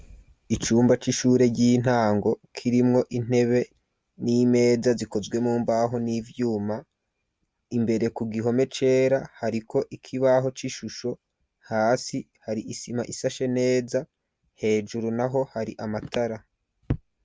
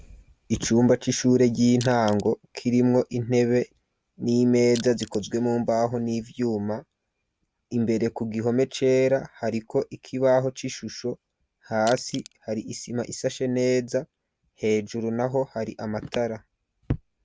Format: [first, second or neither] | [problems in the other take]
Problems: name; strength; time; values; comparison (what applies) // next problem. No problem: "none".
first | background sound (Crushing); 17 dB below the speech